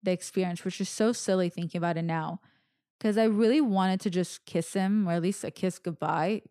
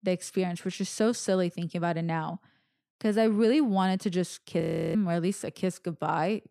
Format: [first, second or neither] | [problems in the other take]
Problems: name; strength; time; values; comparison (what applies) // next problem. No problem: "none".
first | audio freezing; at 4.5 s